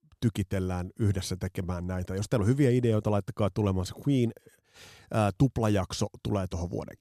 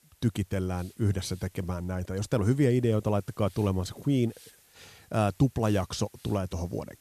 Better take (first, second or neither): first